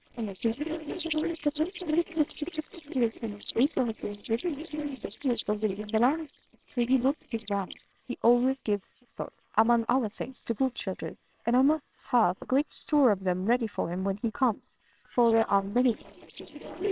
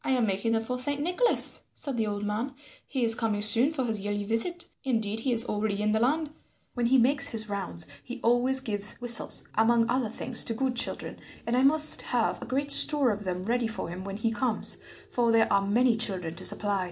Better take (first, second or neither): second